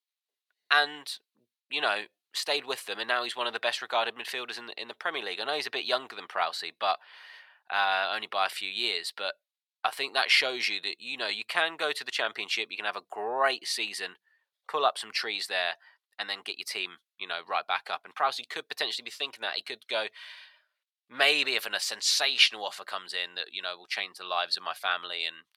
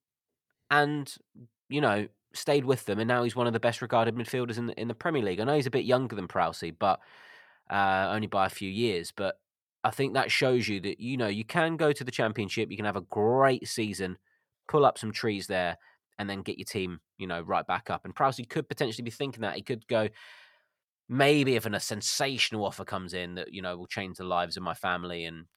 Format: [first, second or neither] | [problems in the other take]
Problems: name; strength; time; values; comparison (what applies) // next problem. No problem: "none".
second | thin; very; fading below 750 Hz